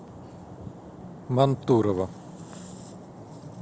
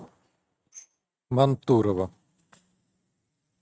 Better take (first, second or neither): first